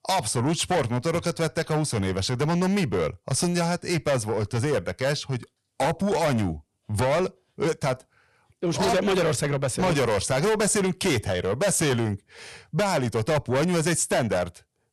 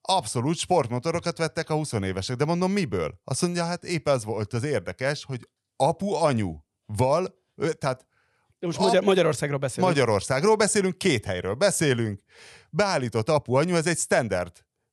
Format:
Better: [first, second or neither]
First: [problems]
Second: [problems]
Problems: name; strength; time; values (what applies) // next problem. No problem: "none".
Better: second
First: distortion; heavy; 6 dB below the speech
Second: none